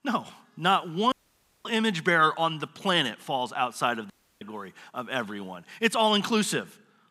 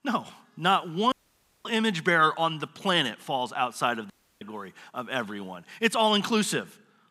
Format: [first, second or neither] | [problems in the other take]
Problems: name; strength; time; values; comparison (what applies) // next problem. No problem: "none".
neither | audio cutting out; at 1 s for 0.5 s and at 4 s; the same in both